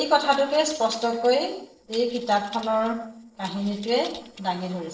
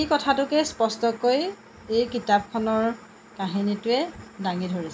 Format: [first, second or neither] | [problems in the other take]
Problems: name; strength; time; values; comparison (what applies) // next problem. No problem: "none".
second | noise reduction (neural separator model SepFormer DNS4)